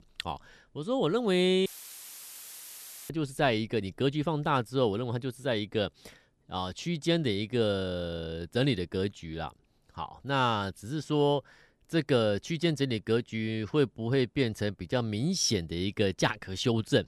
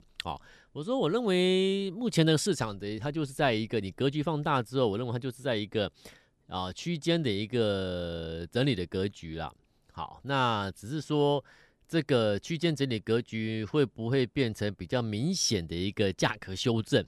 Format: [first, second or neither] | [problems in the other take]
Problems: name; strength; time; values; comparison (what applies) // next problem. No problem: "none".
second | audio cutting out; filled with static; at 1.5 s for 1.5 s